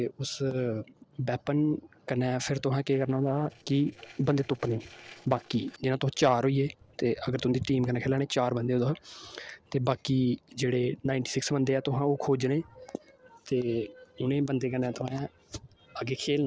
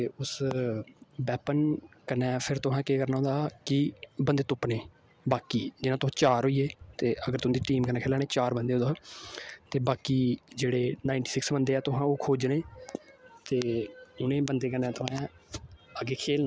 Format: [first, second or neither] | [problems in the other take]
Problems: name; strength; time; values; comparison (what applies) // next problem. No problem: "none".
second | noise reduction (neural separator model SepFormer DNS4)